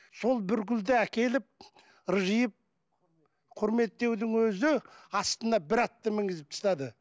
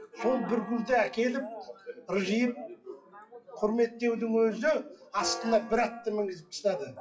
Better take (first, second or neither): first